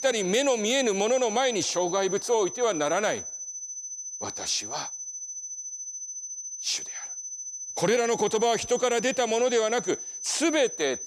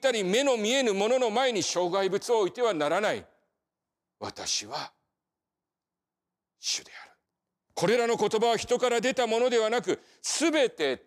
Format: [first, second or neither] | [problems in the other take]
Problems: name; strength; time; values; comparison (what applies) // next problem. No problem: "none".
second | high-pitched whine; loud; throughout; 6 kHz, 8 dB below the speech